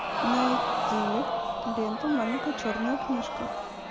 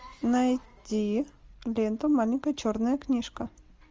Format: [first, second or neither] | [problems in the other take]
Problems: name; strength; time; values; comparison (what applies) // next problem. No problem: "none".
second | background sound (Crowd); 1 dB above the speech